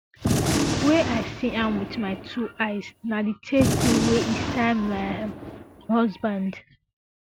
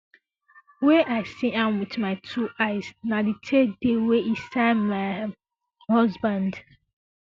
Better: second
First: background sound (Gunshot, gunfire); 2 dB below the speech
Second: none

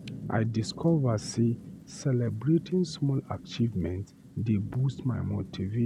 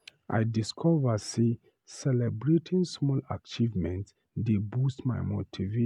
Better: second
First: background sound (Rain / Thunderstorm); 14 dB below the speech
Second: none

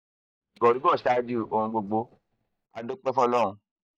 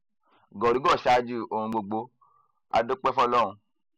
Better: second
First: noise reduction (neural mask model DeepFilterNet 3)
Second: none

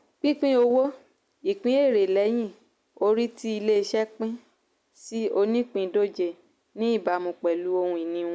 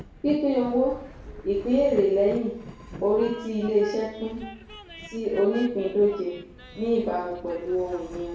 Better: first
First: none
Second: background sound (Train); 17 dB below the speech // room echo; dies away in 0.6 s

